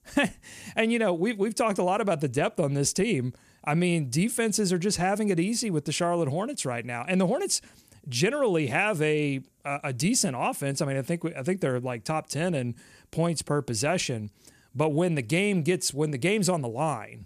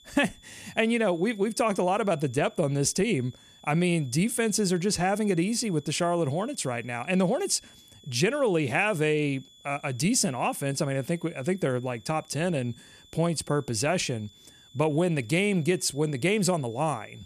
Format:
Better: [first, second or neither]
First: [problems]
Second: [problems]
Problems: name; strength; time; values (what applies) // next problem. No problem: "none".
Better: first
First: none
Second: high-pitched whine; faint; throughout; 3.5 kHz, 25 dB below the speech